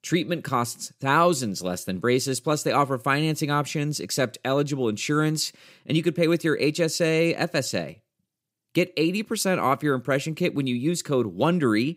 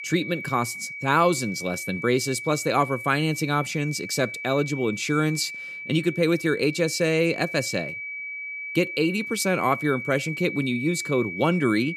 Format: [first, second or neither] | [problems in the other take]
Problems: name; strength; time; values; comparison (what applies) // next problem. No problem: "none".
first | high-pitched whine; loud; throughout; 2.5 kHz, 8 dB below the speech